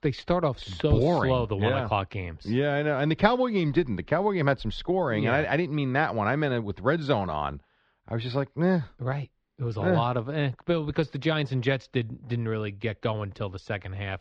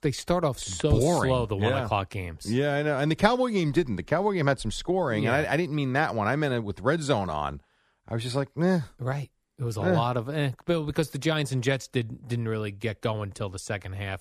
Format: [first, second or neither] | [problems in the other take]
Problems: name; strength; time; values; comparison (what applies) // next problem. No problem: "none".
second | muffled; slightly; fading above 4 kHz